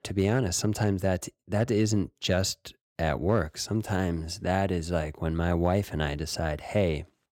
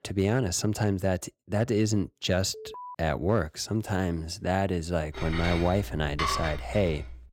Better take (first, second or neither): first